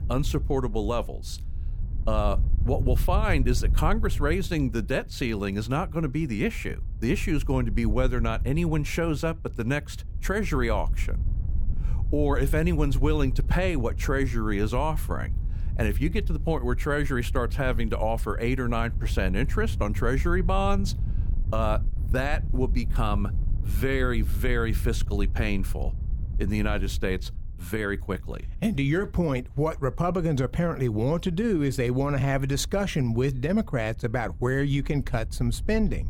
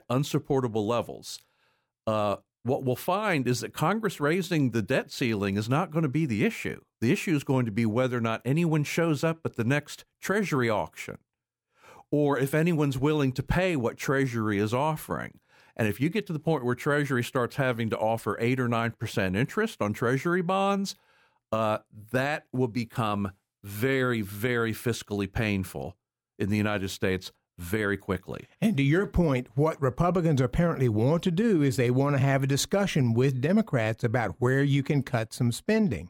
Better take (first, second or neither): second